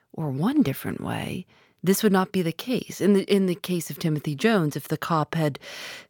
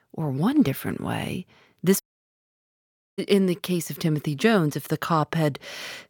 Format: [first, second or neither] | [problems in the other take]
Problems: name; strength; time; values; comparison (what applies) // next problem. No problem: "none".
first | audio cutting out; at 2 s for 1 s